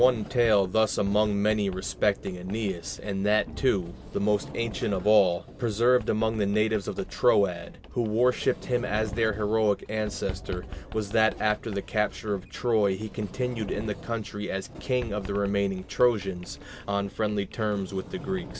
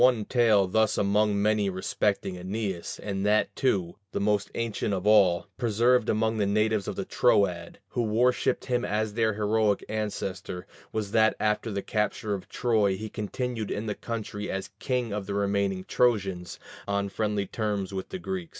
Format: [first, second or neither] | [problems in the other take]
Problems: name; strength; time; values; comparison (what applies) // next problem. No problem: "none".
second | background sound (Sliding door); 14 dB below the speech